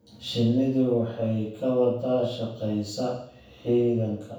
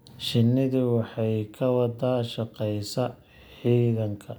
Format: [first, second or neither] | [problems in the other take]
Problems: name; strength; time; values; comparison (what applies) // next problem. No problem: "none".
second | room echo; dies away in 0.6 s